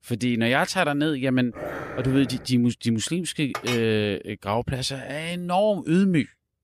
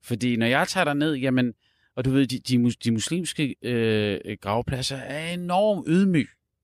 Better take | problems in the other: second | dog barking; noticeable; at 1.5 s; peak 9 dB below the speech // clattering dishes; noticeable; at 3.5 s; peak 7 dB below the speech

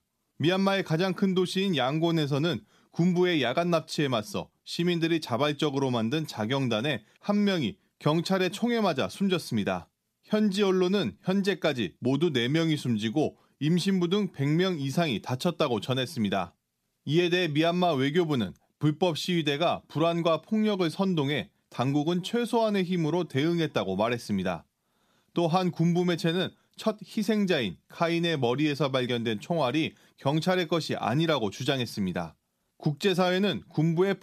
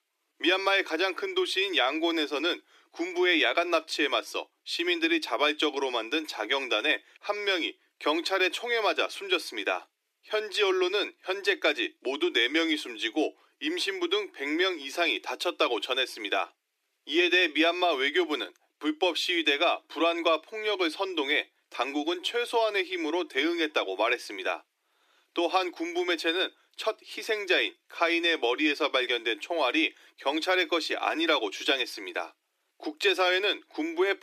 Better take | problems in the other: first | thin; very; fading below 300 Hz

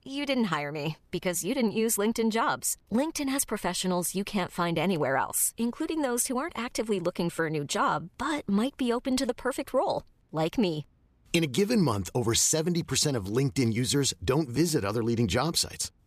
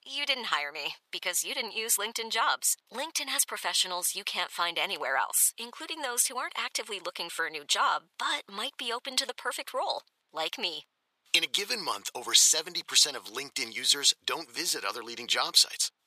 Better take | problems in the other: first | thin; very; fading below 950 Hz

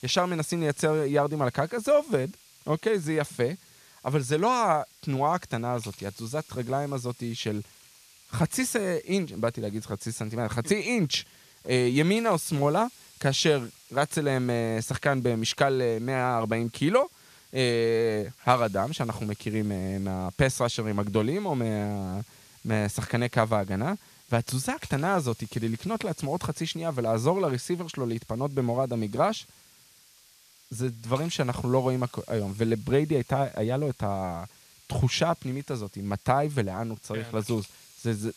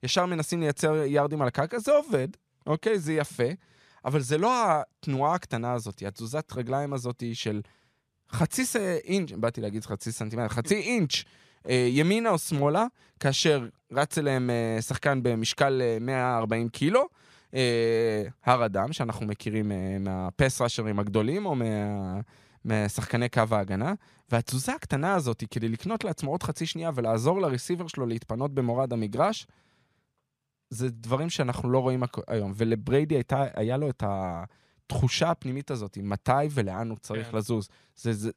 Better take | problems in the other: second | hiss; faint; throughout; 25 dB below the speech

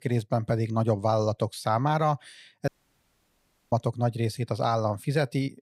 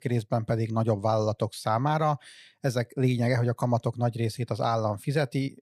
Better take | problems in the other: second | audio cutting out; at 2.5 s for 1 s

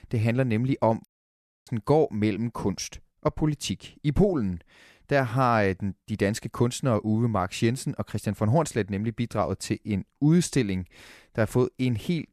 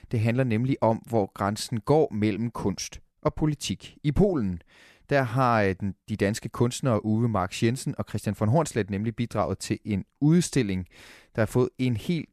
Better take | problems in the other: second | audio cutting out; at 1 s for 0.5 s

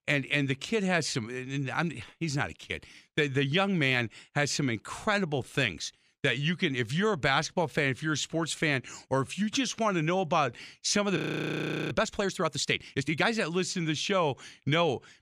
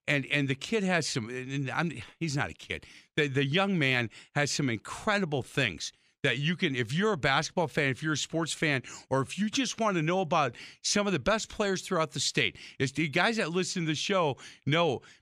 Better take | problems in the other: second | audio freezing; at 11 s for 0.5 s

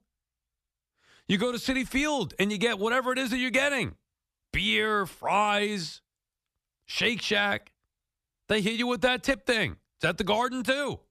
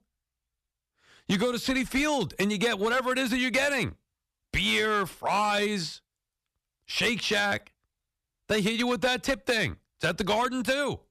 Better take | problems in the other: first | distortion; slight; 5% of the sound clipped

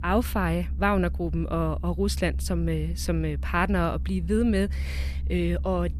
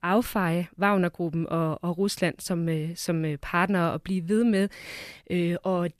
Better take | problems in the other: second | low rumble; faint; throughout; 20 dB below the speech

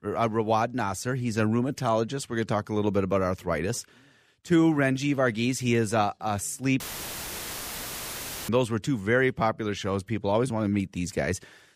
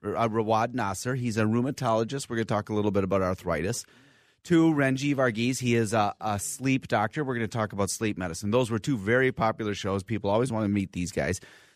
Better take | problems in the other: second | audio cutting out; filled with static; at 7 s for 1.5 s

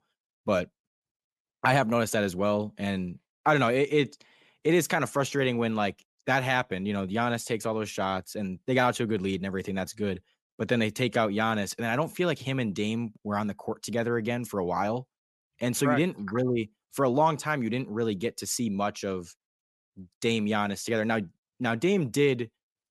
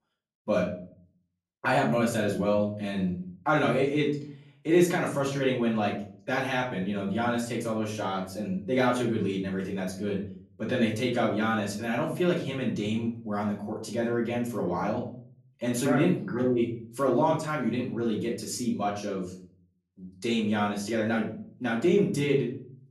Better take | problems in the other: first | off-mic speech; far // room echo; slight; dies away in 0.5 s

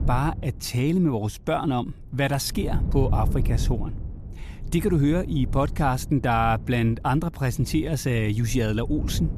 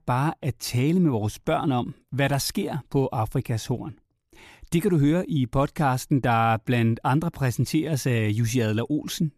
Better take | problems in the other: second | wind noise on the microphone; occasional gusts; 20 dB below the speech

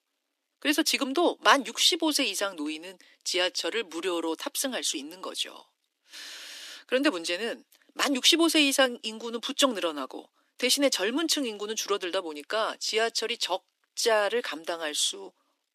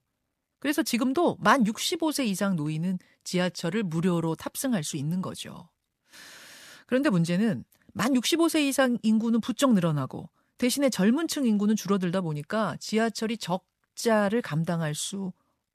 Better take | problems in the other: second | thin; somewhat; fading below 300 Hz

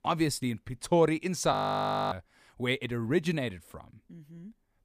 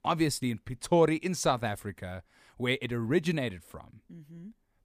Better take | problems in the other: second | audio freezing; at 1.5 s for 0.5 s

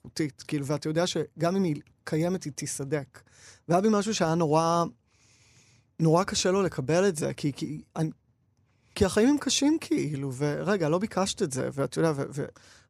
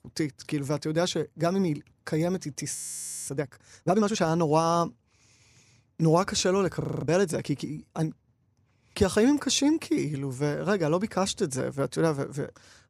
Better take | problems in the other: first | audio freezing; at 3 s for 0.5 s and at 7 s

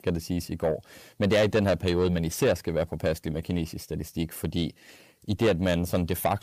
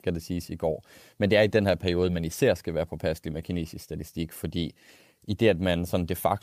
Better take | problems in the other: second | distortion; slight; 10 dB below the speech

